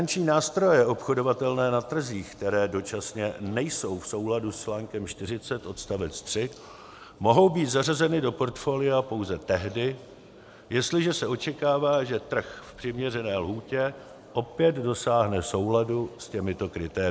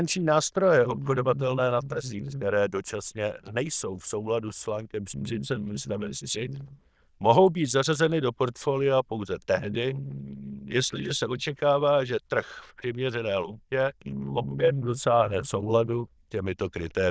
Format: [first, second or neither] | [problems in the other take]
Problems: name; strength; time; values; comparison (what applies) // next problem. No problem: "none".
first | noise reduction (neural diffusion model UNIVERSE++)